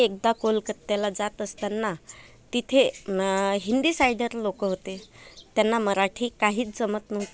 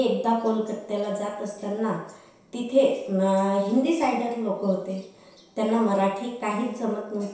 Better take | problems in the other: first | room echo; dies away in 0.7 s

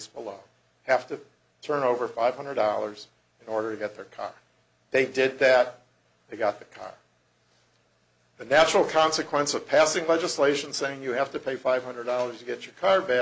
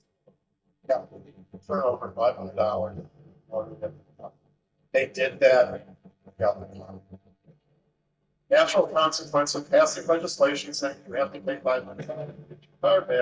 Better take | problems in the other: first | noise reduction (neural mask model DeepFilterNet 3)

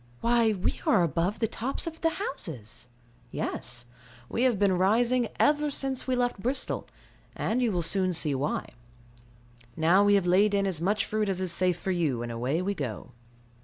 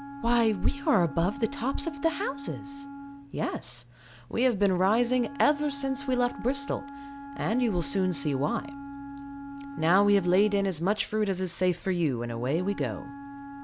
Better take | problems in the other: first | background sound (Wind instrument, woodwind instrument); 13 dB below the speech

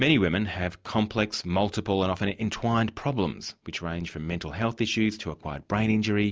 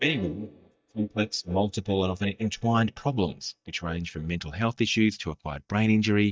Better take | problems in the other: first | noise reduction (neural mask model DeepFilterNet 3)

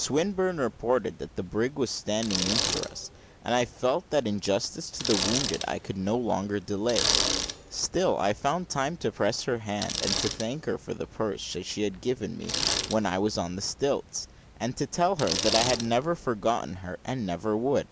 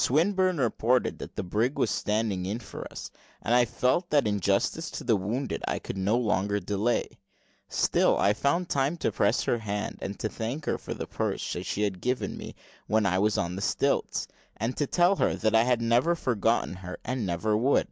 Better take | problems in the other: second | background sound (Bicycle); 6 dB below the speech

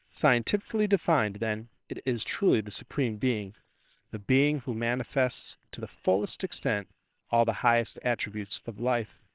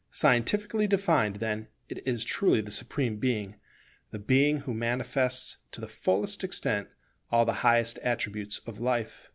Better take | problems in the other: second | noise reduction (neural separator model SepFormer WHAMR!)

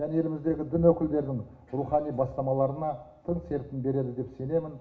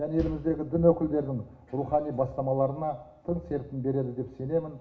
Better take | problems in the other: first | background sound (Bass drum); 12 dB below the speech

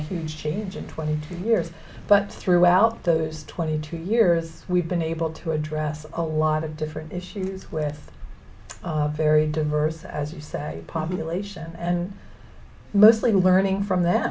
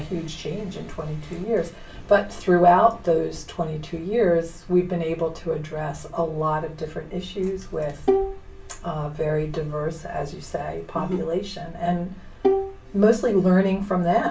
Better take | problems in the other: first | background sound (Bowed string instrument); 2 dB below the speech // room echo; dies away in 0.2 s

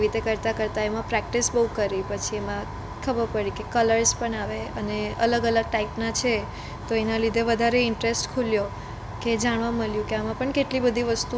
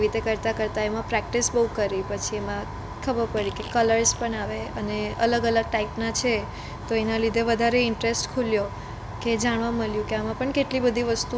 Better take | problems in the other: first | background sound (Fart); 19 dB below the speech

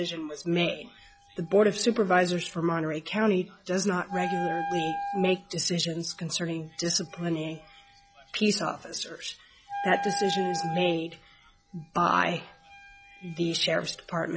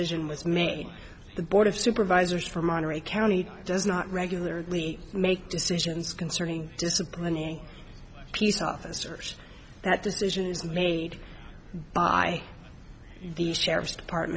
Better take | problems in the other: second | noise reduction (classical method log-MMSE)

